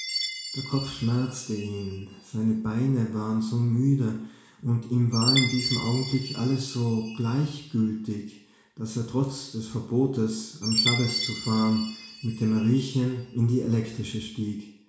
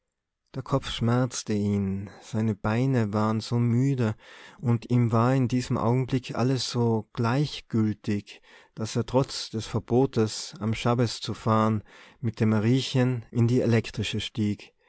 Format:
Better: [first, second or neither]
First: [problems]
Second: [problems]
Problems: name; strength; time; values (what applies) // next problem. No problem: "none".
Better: second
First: background sound (Chime); 9 dB below the speech // room echo; dies away in 0.7 s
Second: none